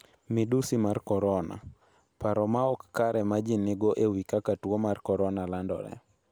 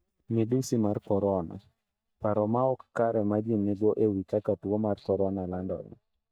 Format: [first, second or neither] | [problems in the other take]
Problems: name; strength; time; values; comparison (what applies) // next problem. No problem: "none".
first | noise reduction (neural mask model DeepFilterNet 3)